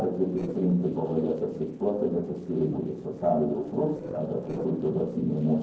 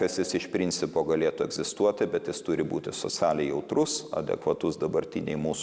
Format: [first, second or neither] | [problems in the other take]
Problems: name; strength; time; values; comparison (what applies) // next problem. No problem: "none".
second | noise reduction (neural separator model SepFormer DNS4)